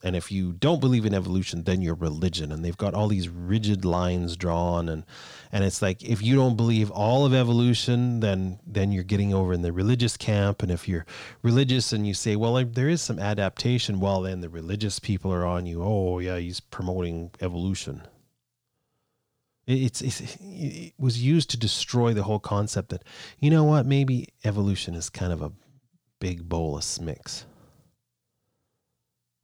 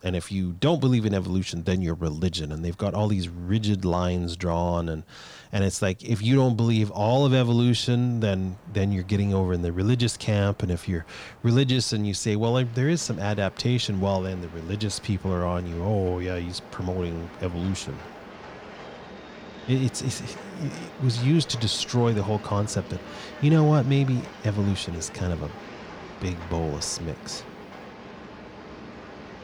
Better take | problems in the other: first | train or aircraft noise; noticeable; throughout; 15 dB below the speech

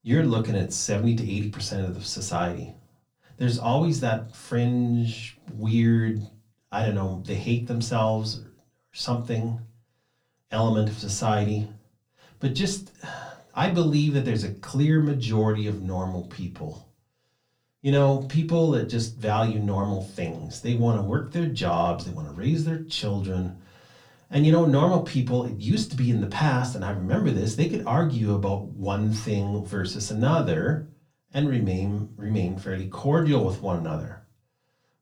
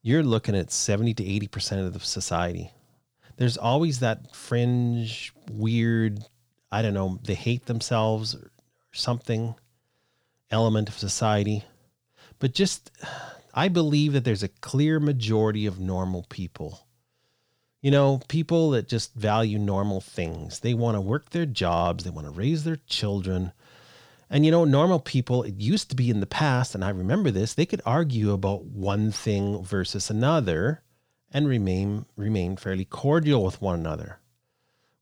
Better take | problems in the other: second | off-mic speech; far // room echo; very slight; dies away in 0.2 s

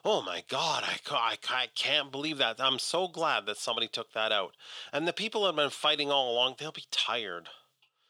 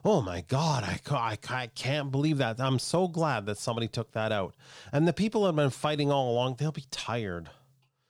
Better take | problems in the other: second | thin; somewhat; fading below 400 Hz

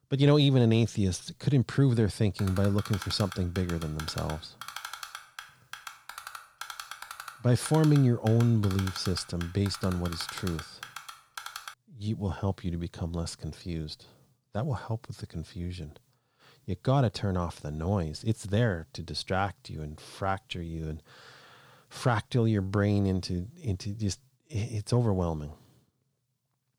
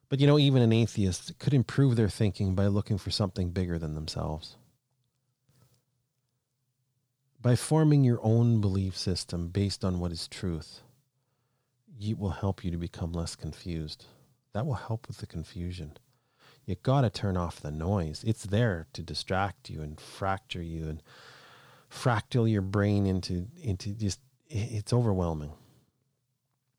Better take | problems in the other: second | keyboard typing; noticeable; from 2.5 to 12 s; peak 9 dB below the speech

